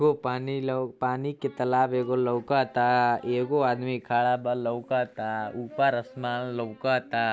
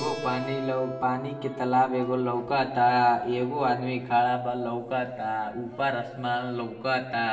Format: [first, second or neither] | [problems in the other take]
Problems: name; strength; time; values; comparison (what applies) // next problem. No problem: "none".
first | background sound (Keyboard (musical)); 16 dB below the speech // room echo; dies away in 0.8 s